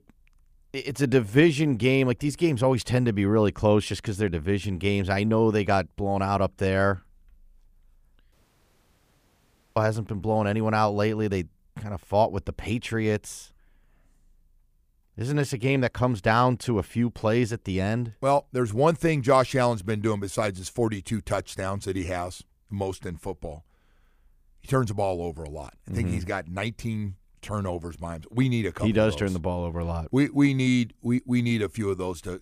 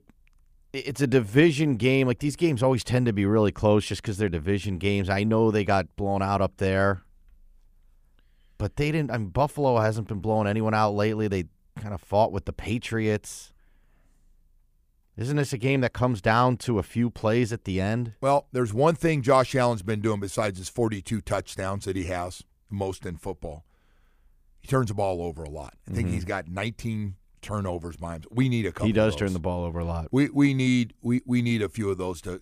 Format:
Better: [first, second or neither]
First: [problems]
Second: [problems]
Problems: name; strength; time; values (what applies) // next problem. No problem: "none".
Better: second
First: audio cutting out; at 8.5 s for 1.5 s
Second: none